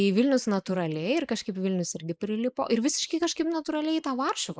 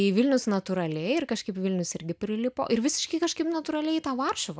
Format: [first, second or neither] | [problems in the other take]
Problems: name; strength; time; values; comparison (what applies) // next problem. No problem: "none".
second | noise reduction (neural mask model Resemble Enhance denoiser)